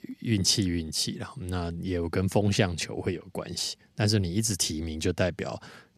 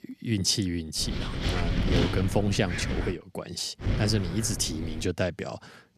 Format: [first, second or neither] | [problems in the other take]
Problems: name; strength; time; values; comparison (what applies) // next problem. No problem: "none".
first | wind noise on the microphone; heavy; from 1 to 3 s and from 4 to 5 s; 4 dB below the speech